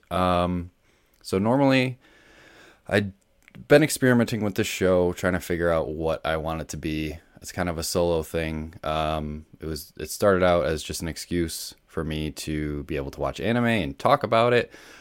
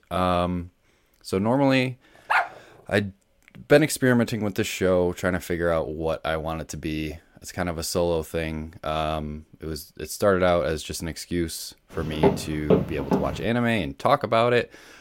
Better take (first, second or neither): first